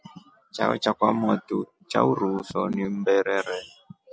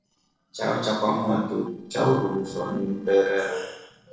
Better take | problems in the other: first | noise reduction (neural separator model SepFormer DNS4)

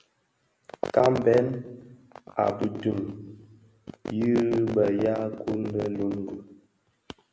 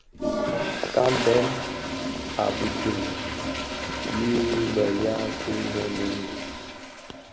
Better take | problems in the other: first | background sound (Toilet flush); 3 dB below the speech

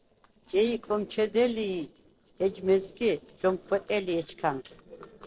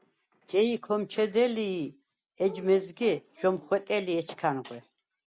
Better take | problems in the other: second | noise reduction (neural separator model SepFormer DNS4)

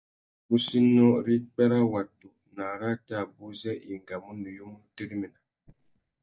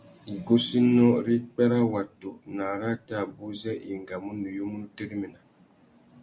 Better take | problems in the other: second | noise reduction (neural mask model DeepFilterNet 3)

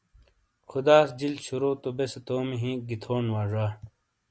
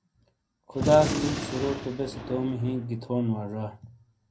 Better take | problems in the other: first | background sound (Gunshot, gunfire); 5 dB below the speech // room echo; dies away in 0.3 s

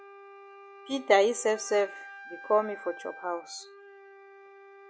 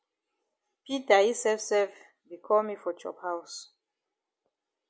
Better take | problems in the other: second | background sound (Wind instrument, woodwind instrument); 17 dB below the speech

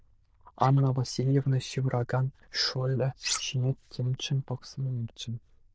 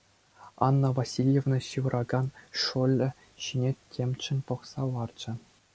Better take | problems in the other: second | noise reduction (neural diffusion model UNIVERSE++)

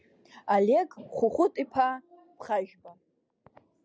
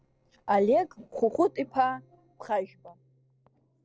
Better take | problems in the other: first | noise reduction (neural separator model SepFormer DNS4)

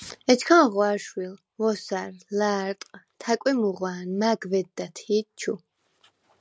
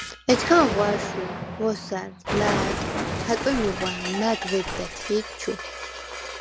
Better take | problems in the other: first | background sound (Explosion); 4 dB below the speech

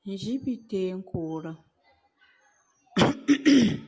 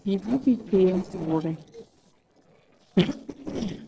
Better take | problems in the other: first | noise reduction (neural separator model SepFormer DNS4)

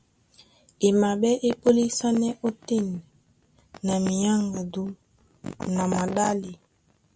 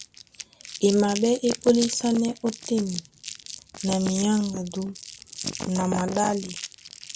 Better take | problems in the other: first | background sound (Crumpling, crinkling); 13 dB below the speech

